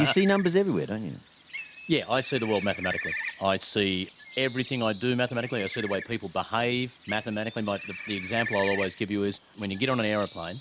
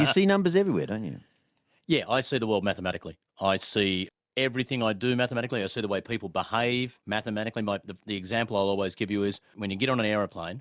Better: second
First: background sound (Bird); 12 dB below the speech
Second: none

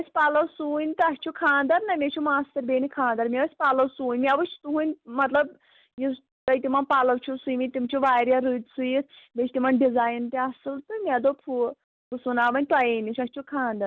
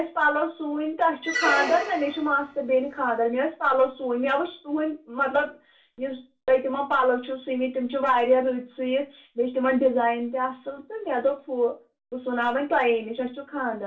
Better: first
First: none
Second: background sound (Squeak); 6 dB below the speech // room echo; dies away in 0.3 s

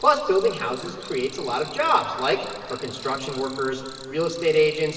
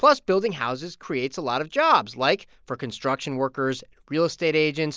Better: second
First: background sound (Cricket); 18 dB below the speech // room echo; dies away in 2.3 s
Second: none

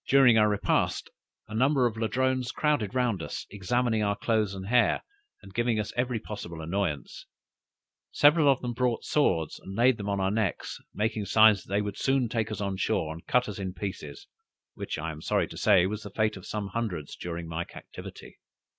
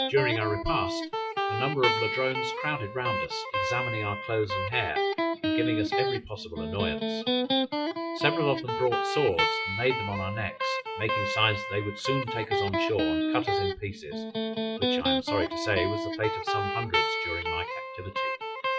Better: first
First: none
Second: noise reduction (classical method WPE with log-MMSE)

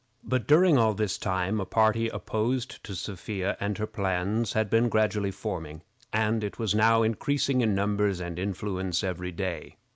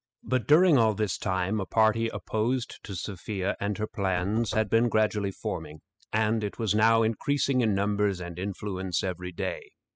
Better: first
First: none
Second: noise reduction (classical method spectral subtraction)

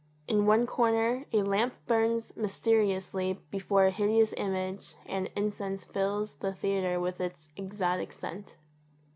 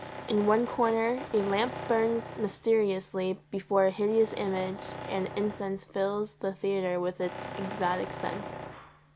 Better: first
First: none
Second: background sound (Tools); 13 dB below the speech

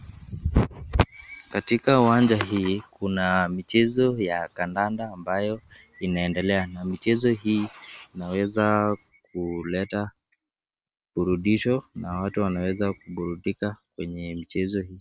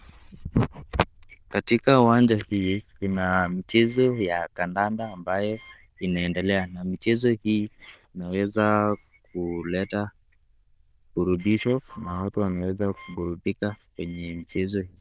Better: first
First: none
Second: noise reduction (neural diffusion model UNIVERSE++)

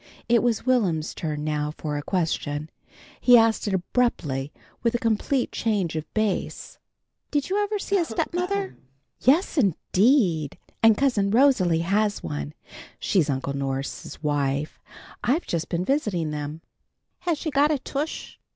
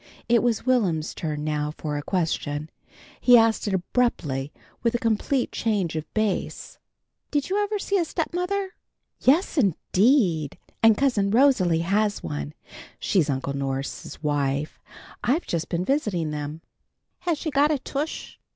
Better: second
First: background sound (Cough); 16 dB below the speech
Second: none

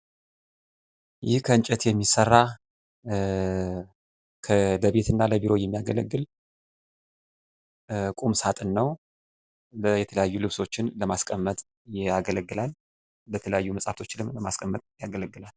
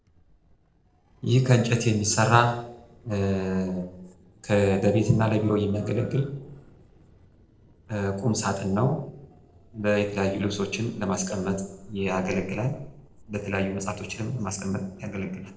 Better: first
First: none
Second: noise reduction (neural separator model SepFormer DNS4)

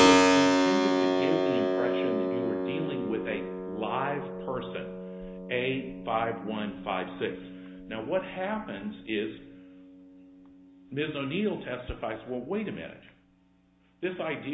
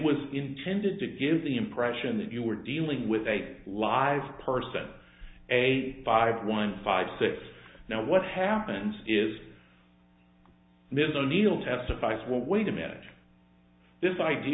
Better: second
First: background sound (Keyboard (musical)); 4 dB above the speech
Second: none

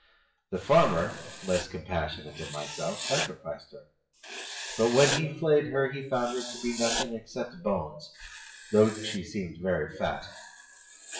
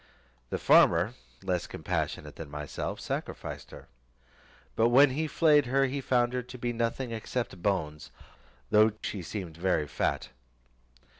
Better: second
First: noise reduction (classical method WPE with log-MMSE)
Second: none

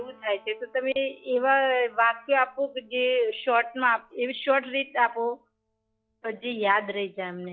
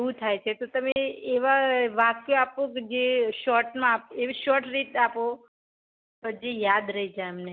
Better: second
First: noise reduction (classical method log-MMSE)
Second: none

